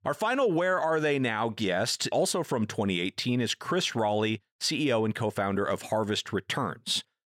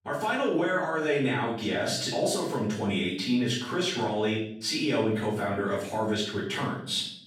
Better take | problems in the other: first | off-mic speech; far // room echo; noticeable; dies away in 0.5 s

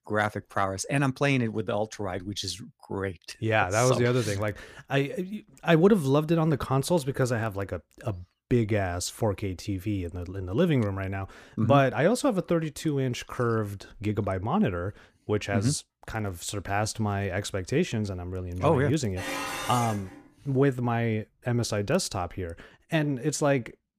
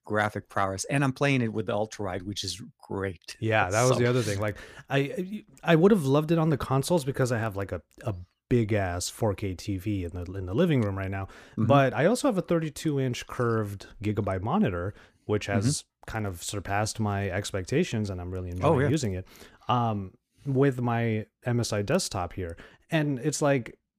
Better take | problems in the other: second | clattering dishes; noticeable; from 19 to 20 s; peak 4 dB below the speech

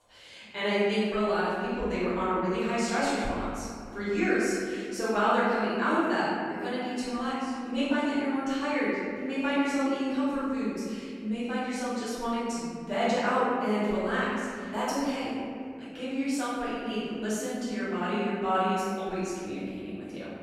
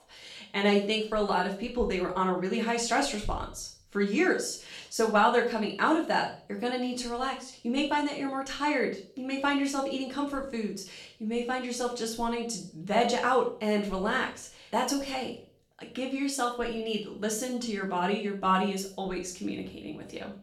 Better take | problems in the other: second | room echo; strong; dies away in 2.6 s; slight in the second // off-mic speech; far; far in the second

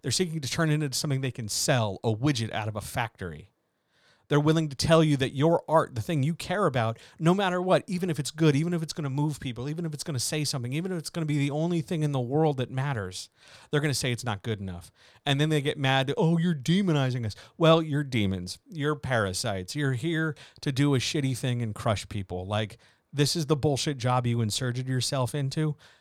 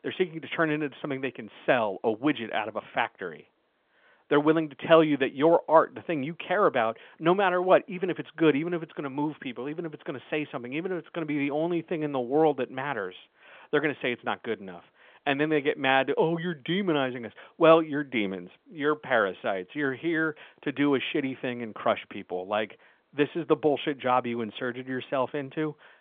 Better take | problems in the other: first | phone-call audio; nothing above 3.5 kHz

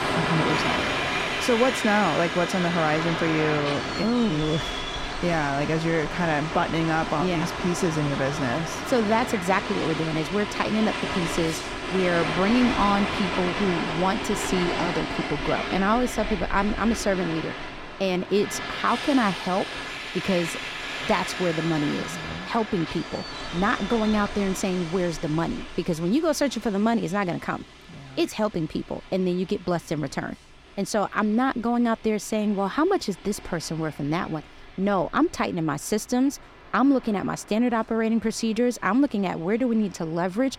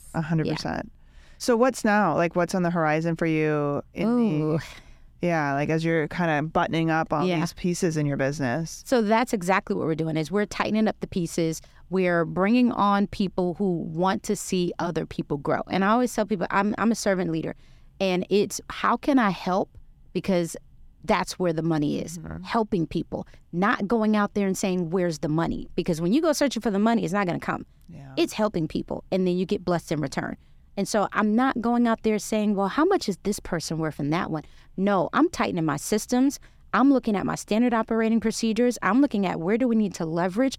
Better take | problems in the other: second | train or aircraft noise; loud; throughout; 4 dB below the speech

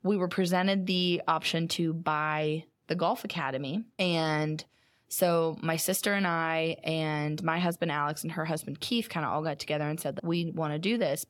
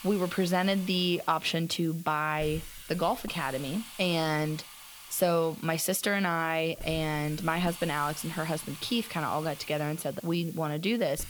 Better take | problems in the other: first | hiss; noticeable; throughout; 15 dB below the speech

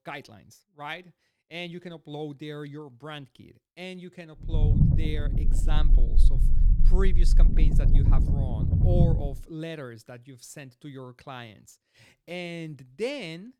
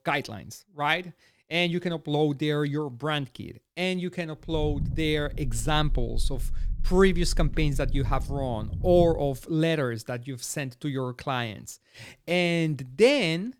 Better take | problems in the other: second | low rumble; loud; from 4.5 to 9.5 s; 1 dB below the speech; faint in the second

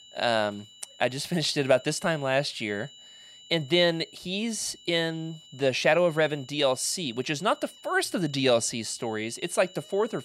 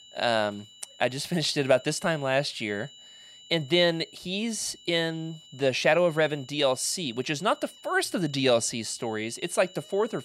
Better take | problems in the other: neither | high-pitched whine; faint; throughout; 3 kHz, 20 dB below the speech; the same in both

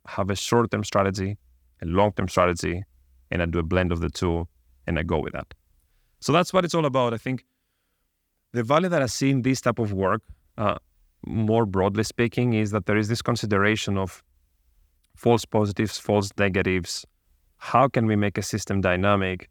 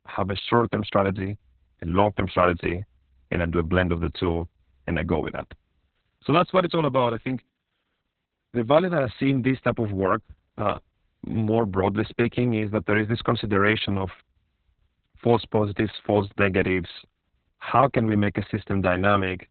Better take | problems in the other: first | garbled, watery; badly; nothing above 4 kHz

